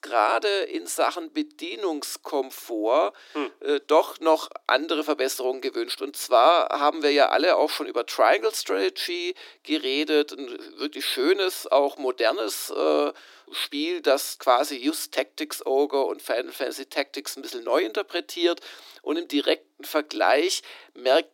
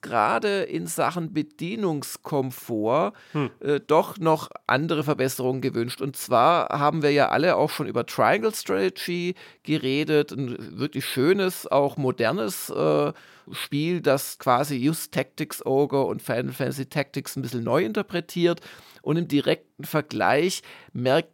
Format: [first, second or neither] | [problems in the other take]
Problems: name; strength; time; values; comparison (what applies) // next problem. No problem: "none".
second | thin; somewhat; fading below 300 Hz